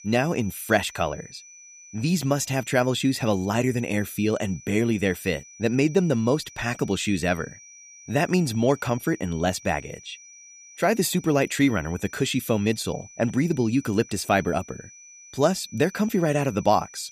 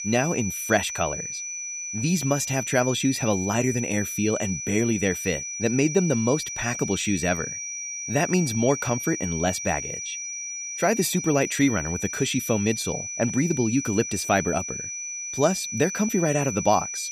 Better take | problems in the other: first | high-pitched whine; loud; throughout; 6 kHz, 5 dB below the speech; faint in the first

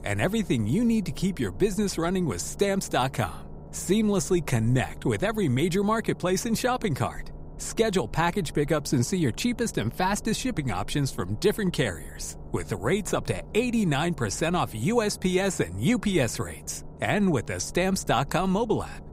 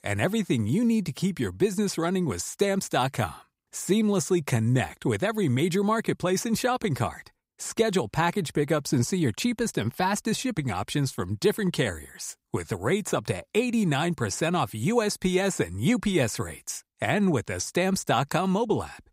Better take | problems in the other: second | low rumble; faint; throughout; 20 dB below the speech

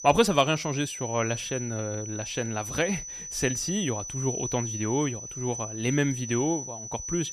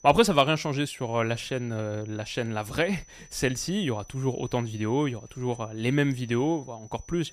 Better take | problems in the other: second | high-pitched whine; loud; throughout; 6 kHz, 6 dB below the speech; faint in the second

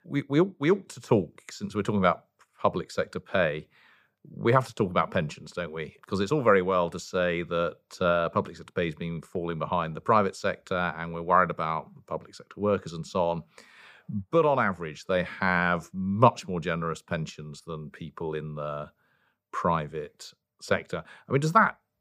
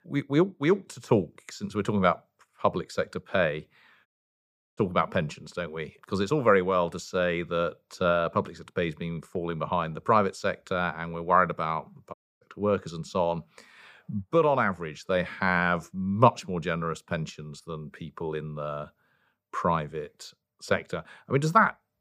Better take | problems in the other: first | audio cutting out; at 4 s for 0.5 s and at 12 s

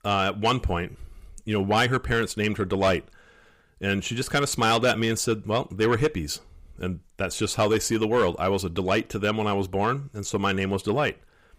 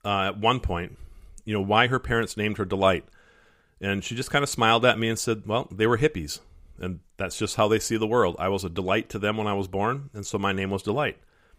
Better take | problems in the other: second | distortion; slight; 10 dB below the speech

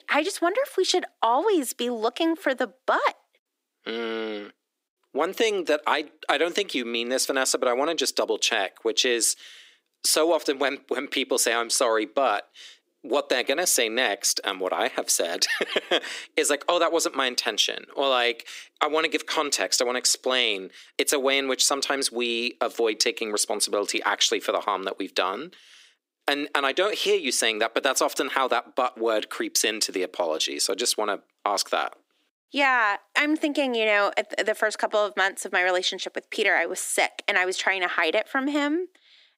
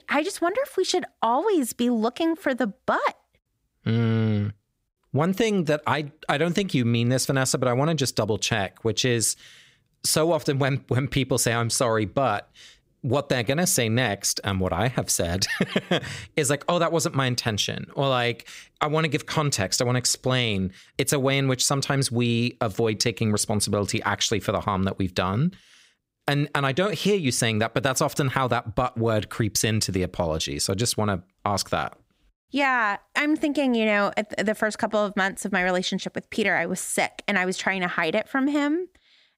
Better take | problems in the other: second | thin; somewhat; fading below 300 Hz

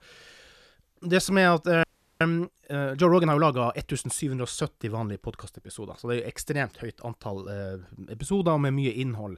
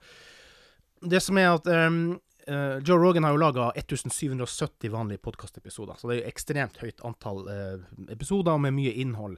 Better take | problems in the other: second | audio freezing; at 2 s

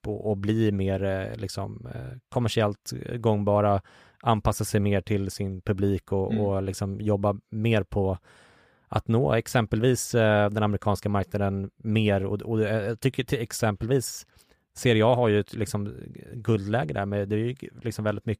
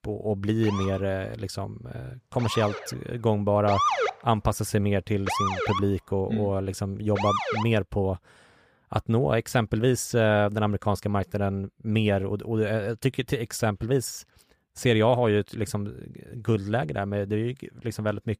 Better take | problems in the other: first | siren; loud; from 0.5 to 7.5 s; peak 3 dB above the speech

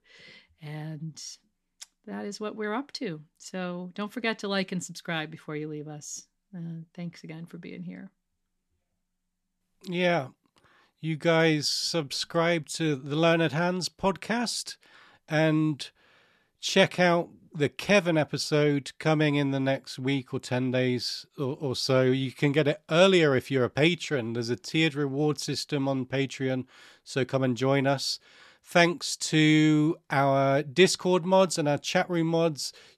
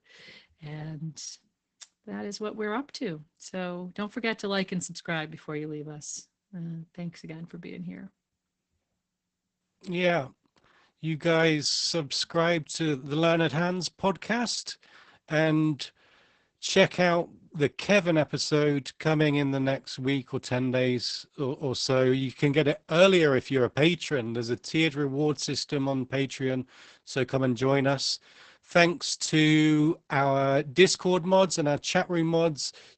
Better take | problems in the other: first | garbled, watery; badly; nothing above 8 kHz

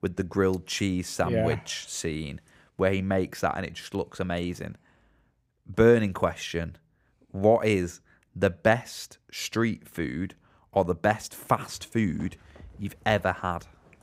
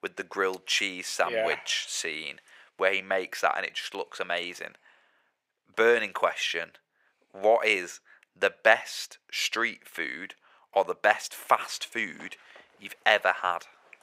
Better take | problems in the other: first | thin; very; fading below 600 Hz

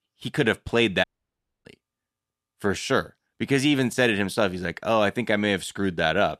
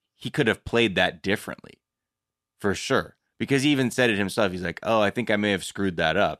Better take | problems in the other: second | audio cutting out; at 1 s for 0.5 s

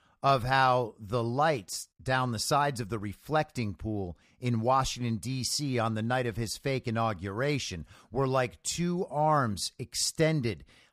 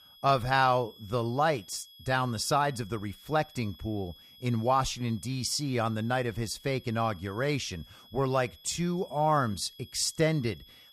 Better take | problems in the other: first | high-pitched whine; faint; throughout; 3.5 kHz, 20 dB below the speech

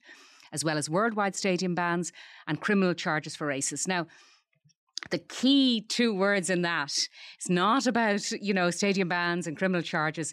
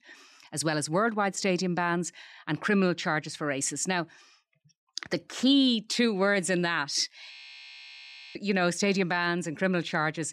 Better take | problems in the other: first | audio freezing; at 7.5 s for 1 s

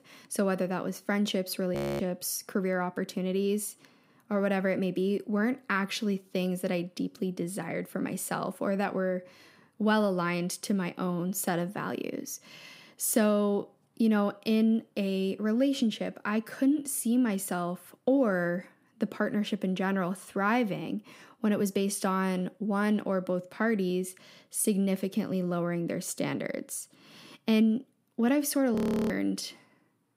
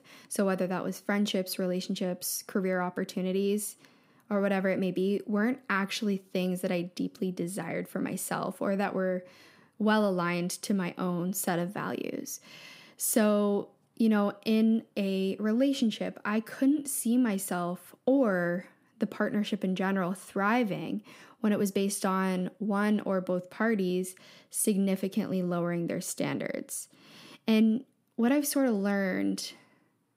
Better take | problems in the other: second | audio freezing; at 2 s and at 29 s

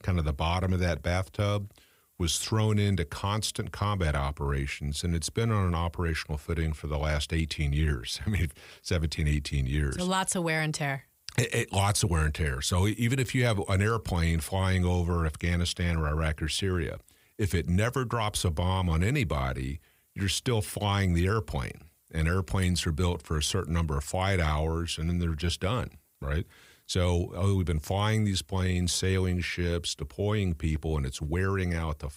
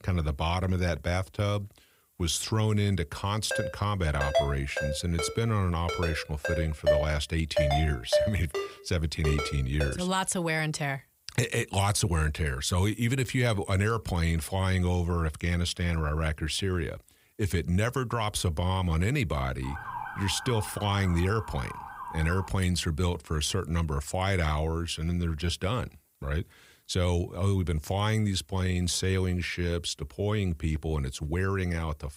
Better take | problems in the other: first | phone ringing; loud; from 3.5 to 10 s; peak 2 dB above the speech // siren; noticeable; from 20 to 22 s; peak 8 dB below the speech

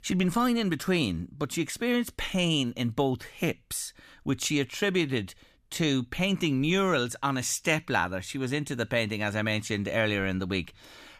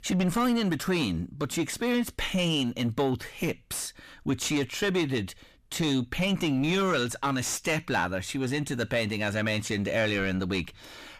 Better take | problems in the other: first | distortion; slight; 9 dB below the speech

